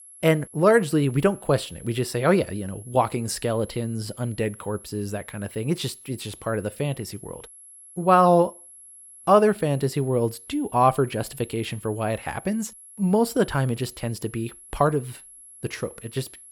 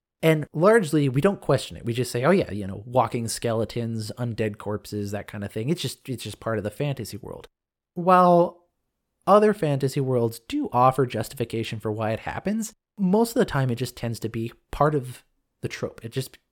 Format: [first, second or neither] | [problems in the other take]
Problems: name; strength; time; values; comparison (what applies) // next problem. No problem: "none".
second | high-pitched whine; noticeable; throughout; 11 kHz, 20 dB below the speech